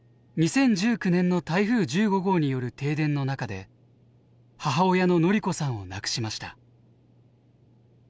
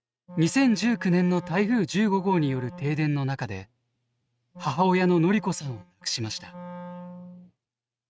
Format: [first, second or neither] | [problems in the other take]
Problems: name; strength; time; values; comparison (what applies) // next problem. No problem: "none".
first | noise reduction (neural mask model RNNoise)